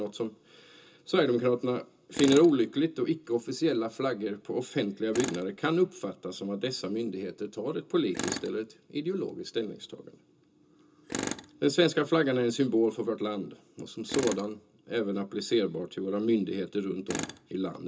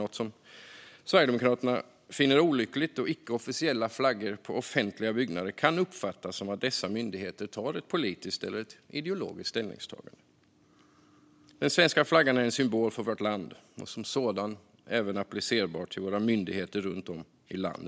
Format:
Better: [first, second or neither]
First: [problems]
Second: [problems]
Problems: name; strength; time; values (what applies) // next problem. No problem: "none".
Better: second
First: background sound (Tools); 14 dB below the speech // room echo; dies away in 0.2 s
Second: none